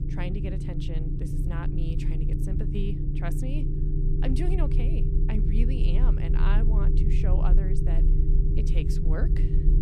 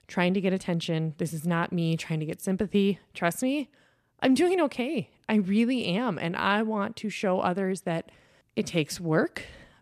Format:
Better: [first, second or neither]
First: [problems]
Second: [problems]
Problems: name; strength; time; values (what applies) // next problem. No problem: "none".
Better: second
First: low rumble; loud; throughout; as loud as the speech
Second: none